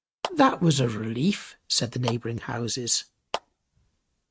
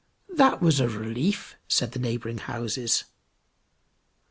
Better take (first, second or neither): second